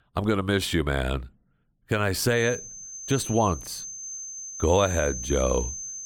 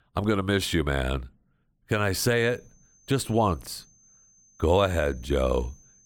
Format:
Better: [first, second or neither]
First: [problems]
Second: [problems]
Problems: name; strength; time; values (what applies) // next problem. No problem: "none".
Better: second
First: high-pitched whine; loud; from 2.5 s on; 6.5 kHz, 9 dB below the speech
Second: high-pitched whine; faint; from 2.5 s on; 6.5 kHz, 30 dB below the speech